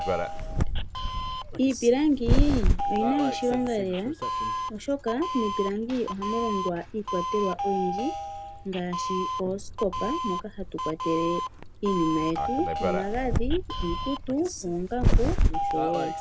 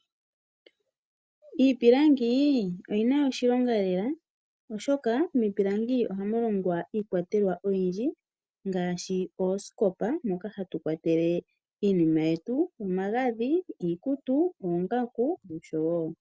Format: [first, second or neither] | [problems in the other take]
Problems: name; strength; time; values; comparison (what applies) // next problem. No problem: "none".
second | background sound (Doorbell); 1 dB above the speech